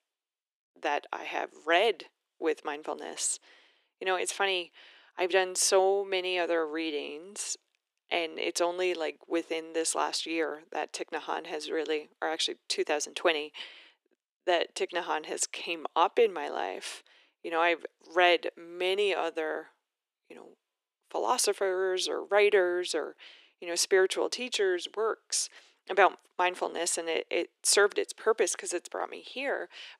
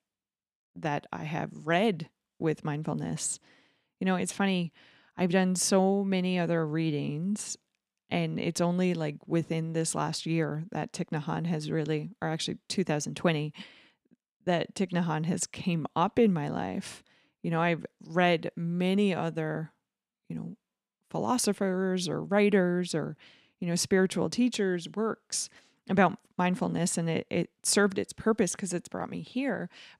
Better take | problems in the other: second | thin; very; fading below 350 Hz

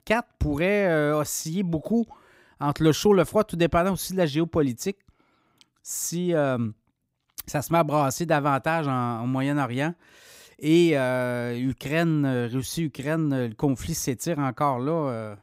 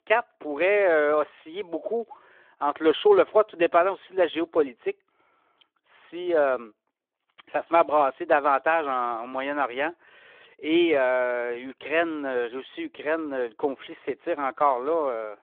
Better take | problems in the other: first | phone-call audio

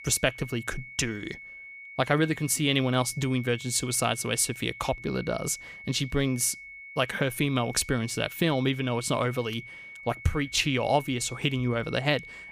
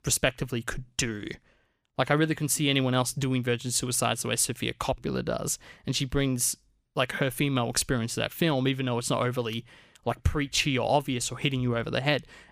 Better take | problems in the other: second | high-pitched whine; noticeable; throughout; 2 kHz, 15 dB below the speech

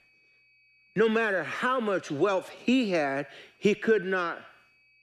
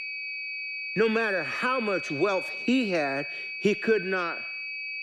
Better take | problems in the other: first | high-pitched whine; loud; throughout; 2.5 kHz, 5 dB below the speech; faint in the first

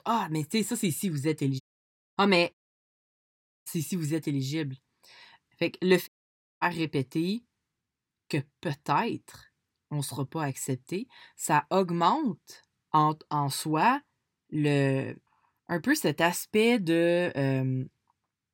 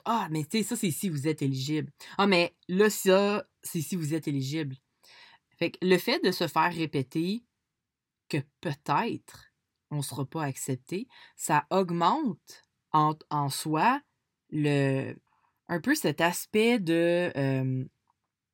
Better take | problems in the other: second | audio cutting out; at 1.5 s for 0.5 s, at 2.5 s for 1 s and at 6 s for 0.5 s

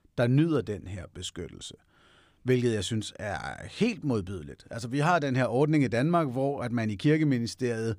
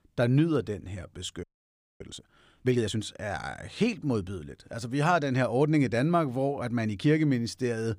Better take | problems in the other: first | audio freezing; at 1.5 s for 0.5 s

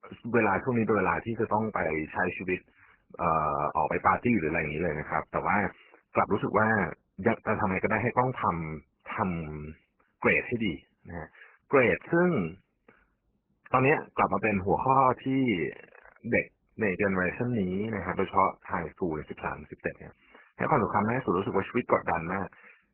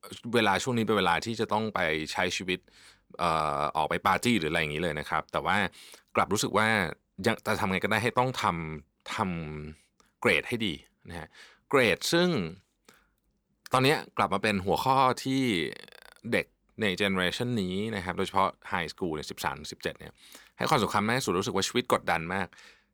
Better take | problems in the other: second | garbled, watery; badly; nothing above 2.5 kHz

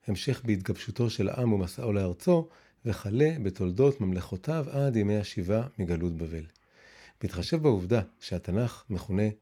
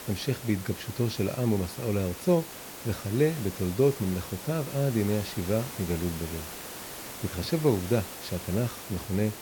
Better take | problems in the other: first | hiss; loud; throughout; 10 dB below the speech

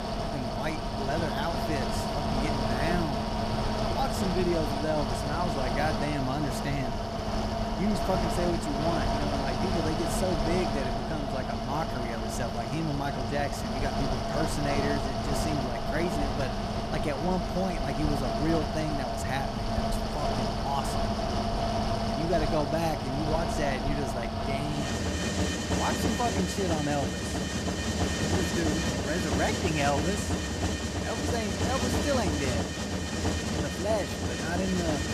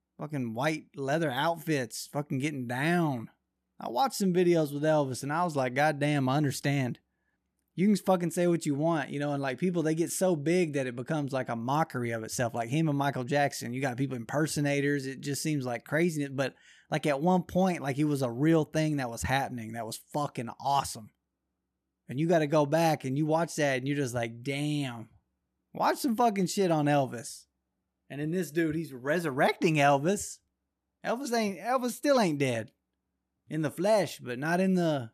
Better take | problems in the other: second | machinery noise; very loud; throughout; 3 dB above the speech

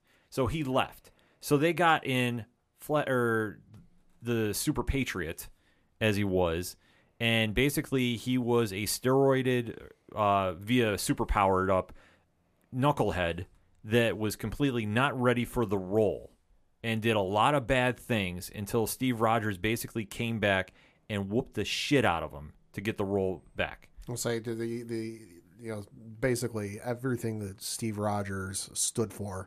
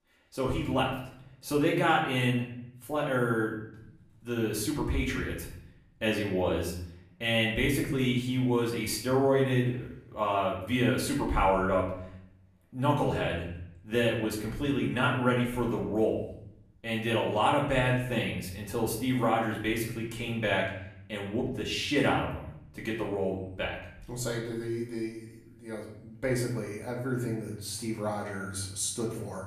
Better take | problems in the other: first | off-mic speech; far // room echo; noticeable; dies away in 0.7 s

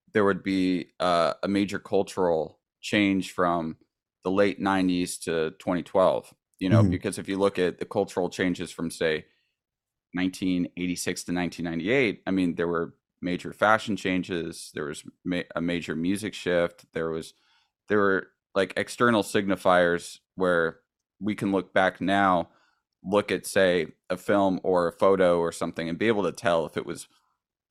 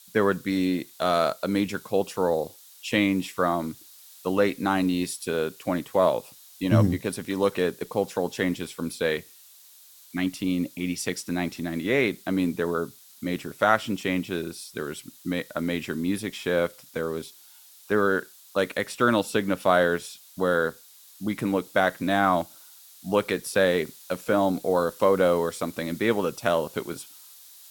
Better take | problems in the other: first | hiss; faint; throughout; 20 dB below the speech

